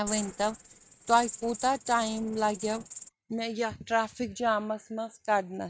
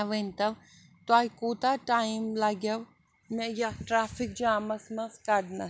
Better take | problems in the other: second | noise reduction (neural mask model RNNoise)

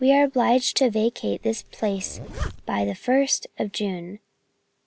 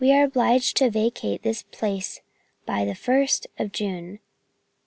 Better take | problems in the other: second | background sound (Zipper (clothing)); 11 dB below the speech

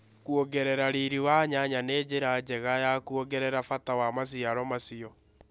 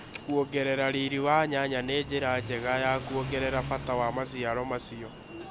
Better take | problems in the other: first | background sound (Accelerating, revving, vroom / Car + Alarm); 11 dB below the speech

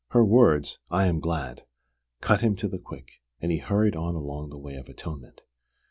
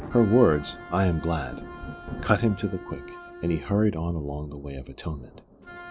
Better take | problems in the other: first | background sound (Wind instrument, woodwind instrument + Thunder); 14 dB below the speech

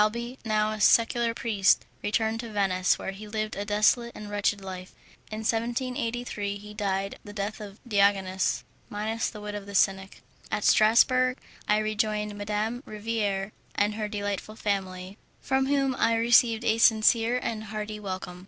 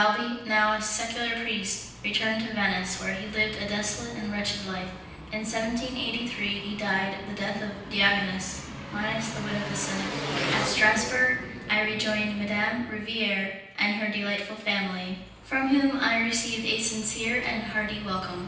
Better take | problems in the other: first | background sound (Engine); 10 dB below the speech // room echo; dies away in 0.9 s

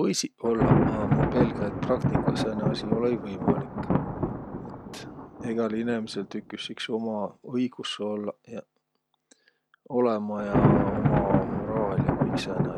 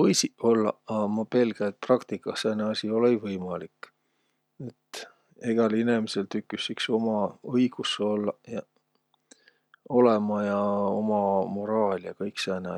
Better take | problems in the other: second | background sound (Thunder); 2 dB above the speech

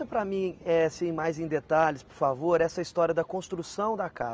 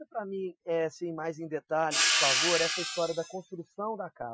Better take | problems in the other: first | noise reduction (classical method Wiener filter)

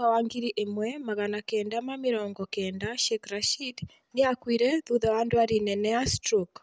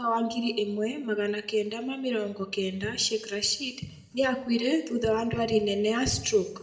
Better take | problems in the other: first | room echo; dies away in 0.8 s

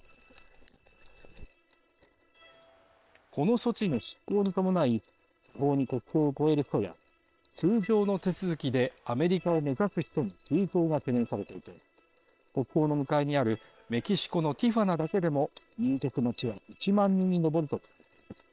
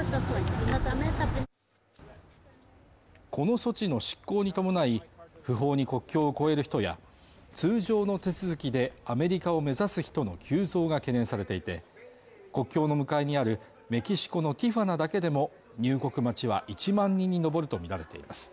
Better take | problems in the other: second | noise reduction (neural separator model SepFormer WHAM!)

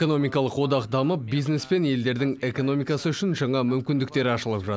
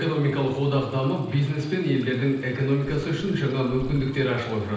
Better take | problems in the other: first | background sound (Stream); 19 dB below the speech // room echo; dies away in 0.9 s

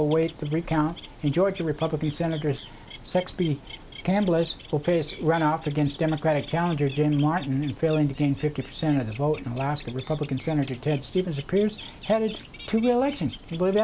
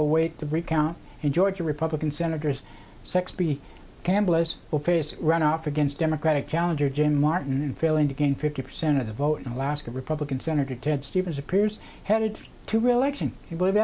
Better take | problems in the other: second | background sound (Bird); 20 dB below the speech

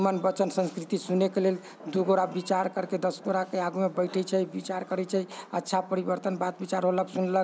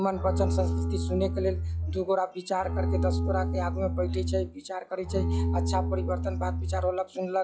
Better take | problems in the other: first | noise reduction (classical method log-MMSE)

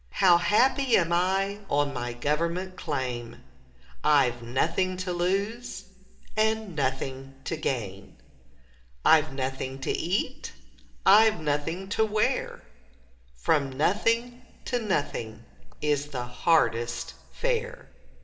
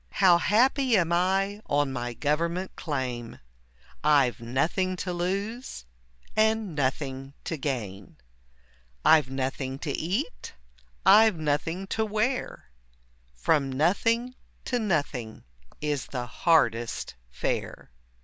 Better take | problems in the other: second | room echo; dies away in 2 s

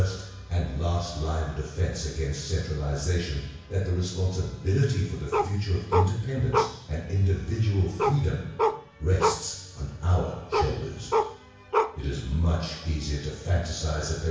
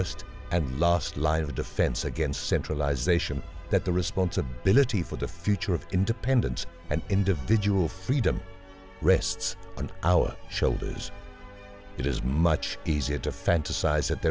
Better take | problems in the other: second | background sound (Bark); 1 dB below the speech // room echo; dies away in 1.1 s

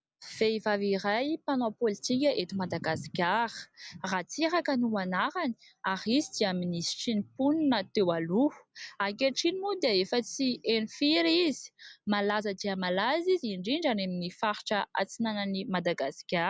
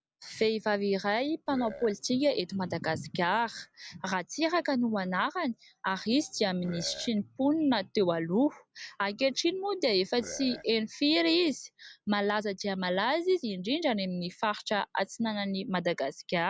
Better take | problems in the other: first | background sound (Burping, eructation); 14 dB below the speech

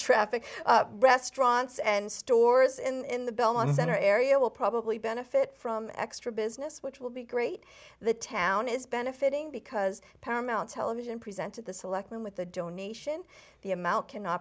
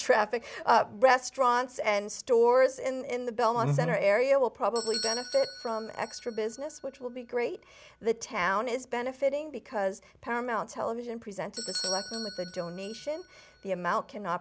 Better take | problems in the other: first | background sound (Bell / Doorbell); 15 dB below the speech

